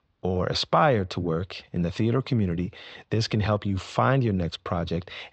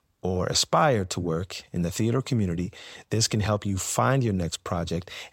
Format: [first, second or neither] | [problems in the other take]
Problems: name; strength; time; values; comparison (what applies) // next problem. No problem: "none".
second | muffled; very slightly; fading above 4.5 kHz